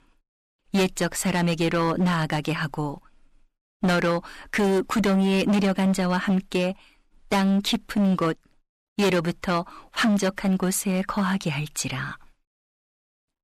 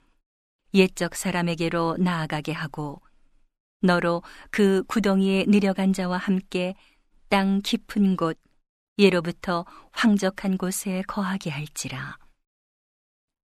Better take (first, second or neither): second